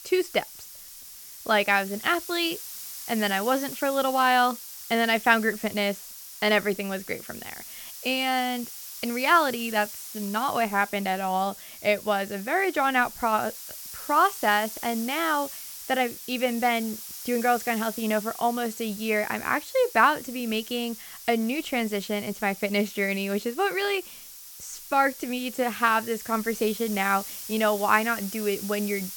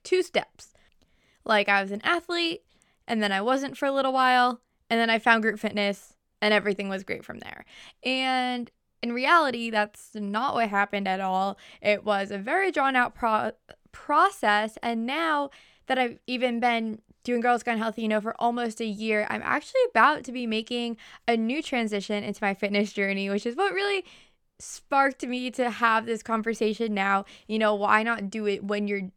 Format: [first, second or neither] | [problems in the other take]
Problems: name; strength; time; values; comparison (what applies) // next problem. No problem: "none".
second | hiss; noticeable; throughout; 10 dB below the speech